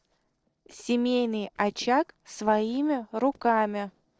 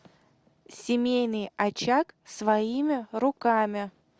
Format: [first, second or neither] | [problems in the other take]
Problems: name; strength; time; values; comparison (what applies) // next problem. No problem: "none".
second | noise reduction (neural separator model SepFormer DNS4)